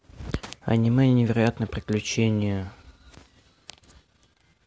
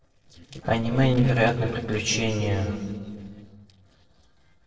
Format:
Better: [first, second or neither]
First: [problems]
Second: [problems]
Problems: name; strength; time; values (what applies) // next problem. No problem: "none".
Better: first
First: none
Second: noise reduction (neural separator model SepFormer DNS4)